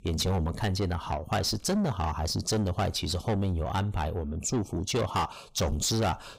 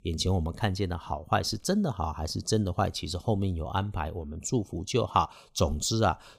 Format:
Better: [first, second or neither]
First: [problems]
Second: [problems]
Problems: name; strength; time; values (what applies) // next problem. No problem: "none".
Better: second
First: distortion; heavy; 7 dB below the speech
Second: none